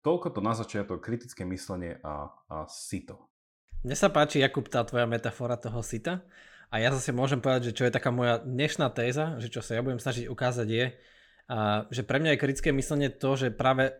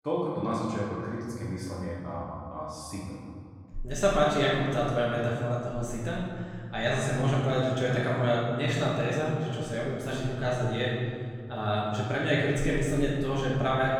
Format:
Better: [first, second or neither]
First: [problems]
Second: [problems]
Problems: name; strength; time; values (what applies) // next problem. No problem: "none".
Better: first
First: none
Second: room echo; strong; dies away in 2.1 s // off-mic speech; far